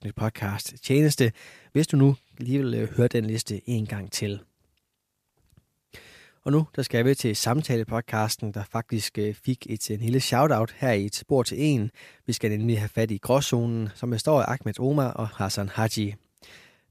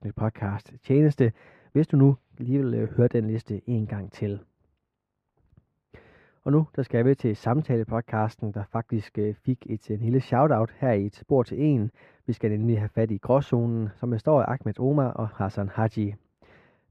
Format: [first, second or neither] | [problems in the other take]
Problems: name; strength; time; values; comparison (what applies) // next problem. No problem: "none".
first | muffled; very; fading above 3 kHz